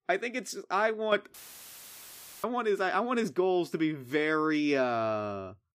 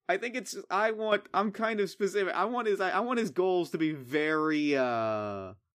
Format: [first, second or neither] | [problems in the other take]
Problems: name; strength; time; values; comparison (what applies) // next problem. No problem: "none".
second | audio cutting out; filled with static; at 1.5 s for 1 s